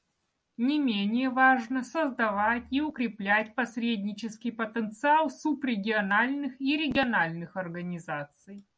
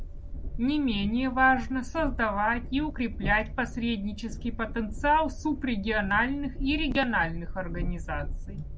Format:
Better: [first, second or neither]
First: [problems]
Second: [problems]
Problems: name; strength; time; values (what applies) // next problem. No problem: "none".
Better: first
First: none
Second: background sound (Train); 6 dB below the speech